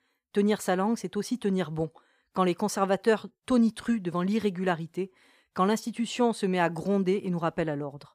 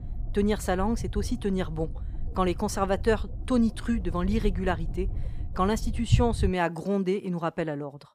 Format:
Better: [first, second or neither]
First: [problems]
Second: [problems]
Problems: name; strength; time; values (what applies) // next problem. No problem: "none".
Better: first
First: none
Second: low rumble; noticeable; until 6.5 s; 20 dB below the speech